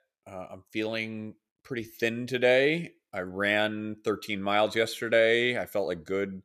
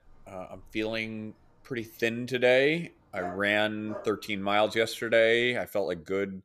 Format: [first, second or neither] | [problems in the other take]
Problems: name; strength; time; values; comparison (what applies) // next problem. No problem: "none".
first | dog barking; faint; until 4 s; peak 15 dB below the speech